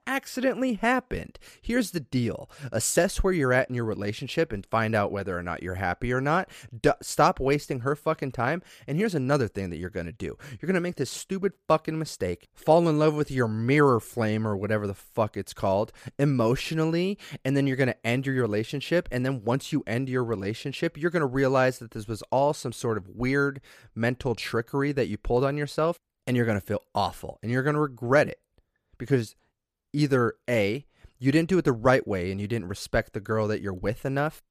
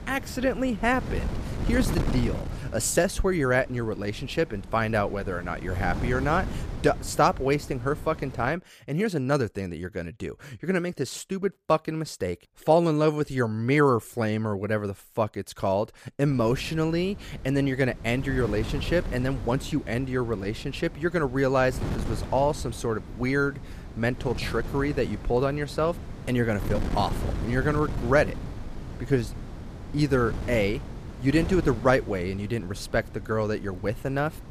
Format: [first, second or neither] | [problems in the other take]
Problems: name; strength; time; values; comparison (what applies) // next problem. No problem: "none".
first | wind noise on the microphone; occasional gusts; until 8.5 s and from 16 s on; 15 dB below the speech